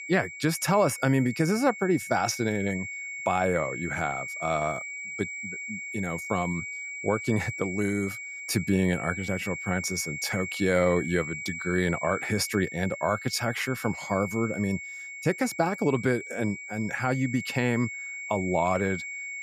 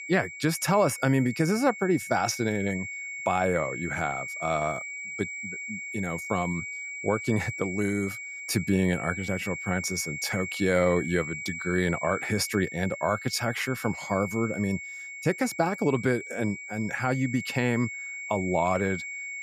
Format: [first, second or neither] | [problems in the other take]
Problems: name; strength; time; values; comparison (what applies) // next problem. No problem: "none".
neither | high-pitched whine; loud; throughout; 2.5 kHz, 7 dB below the speech; the same in both